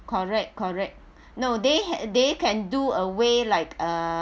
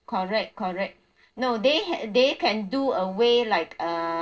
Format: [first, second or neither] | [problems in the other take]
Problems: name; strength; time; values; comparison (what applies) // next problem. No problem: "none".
first | noise reduction (neural separator model SepFormer DNS4)